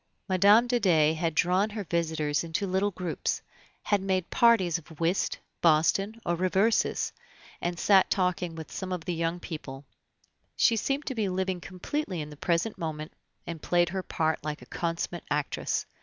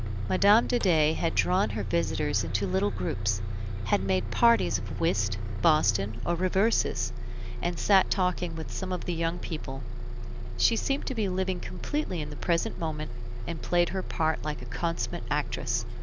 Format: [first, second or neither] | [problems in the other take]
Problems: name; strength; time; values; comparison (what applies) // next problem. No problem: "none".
first | background sound (Bus); 2 dB below the speech